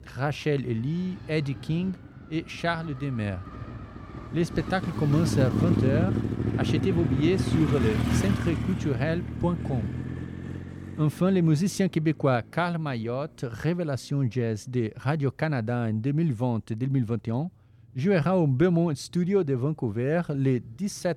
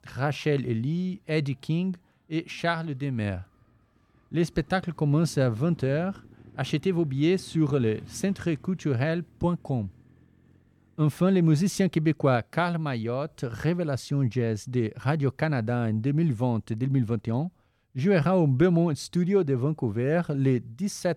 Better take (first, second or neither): second